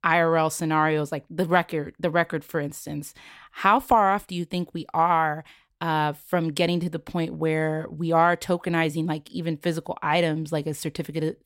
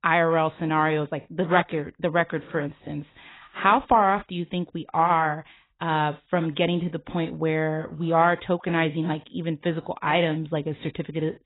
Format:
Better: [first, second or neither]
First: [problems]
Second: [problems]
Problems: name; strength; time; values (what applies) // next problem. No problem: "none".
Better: first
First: none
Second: garbled, watery; badly; nothing above 4 kHz